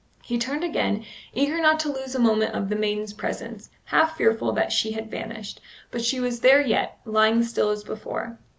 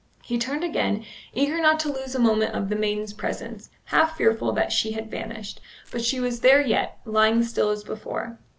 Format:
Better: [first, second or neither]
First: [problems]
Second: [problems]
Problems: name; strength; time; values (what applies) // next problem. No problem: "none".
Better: first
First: none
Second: background sound (Crushing); 17 dB below the speech